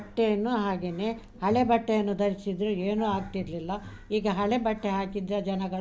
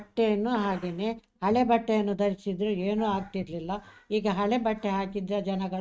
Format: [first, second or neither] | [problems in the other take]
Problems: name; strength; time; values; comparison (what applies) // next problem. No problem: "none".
first | noise reduction (neural mask model RNNoise)